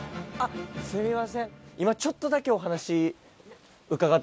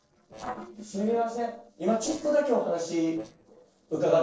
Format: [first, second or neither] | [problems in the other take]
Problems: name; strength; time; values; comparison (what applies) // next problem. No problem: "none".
first | noise reduction (neural separator model SepFormer DNS4)